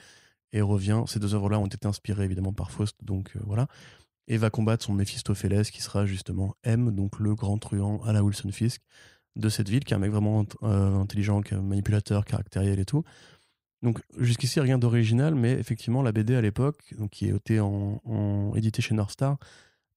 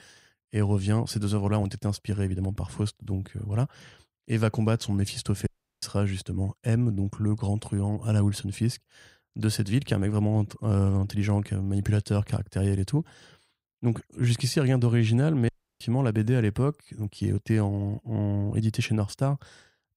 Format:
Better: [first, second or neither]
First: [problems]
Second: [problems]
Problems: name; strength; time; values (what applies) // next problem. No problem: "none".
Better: first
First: none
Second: audio cutting out; at 5.5 s and at 15 s